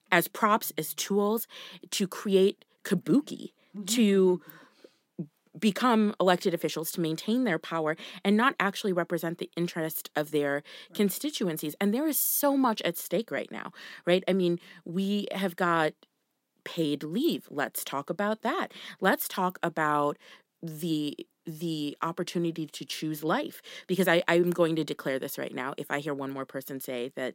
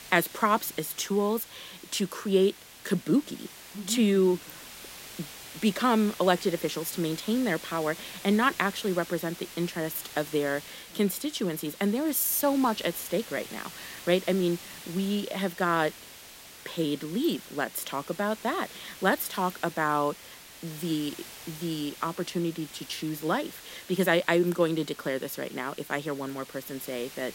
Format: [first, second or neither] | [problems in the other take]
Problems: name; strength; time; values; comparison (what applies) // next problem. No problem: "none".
first | hiss; noticeable; throughout; 15 dB below the speech